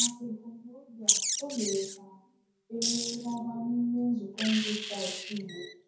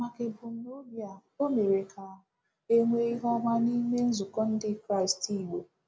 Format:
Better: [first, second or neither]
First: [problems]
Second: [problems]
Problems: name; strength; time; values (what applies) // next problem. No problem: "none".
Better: second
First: background sound (Wild animals); as loud as the speech // room echo; dies away in 0.6 s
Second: none